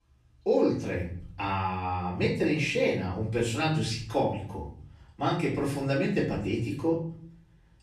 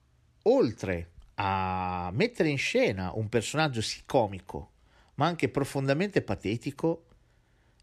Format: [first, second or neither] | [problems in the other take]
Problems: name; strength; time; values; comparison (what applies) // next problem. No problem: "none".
second | off-mic speech; far // room echo; noticeable; dies away in 0.6 s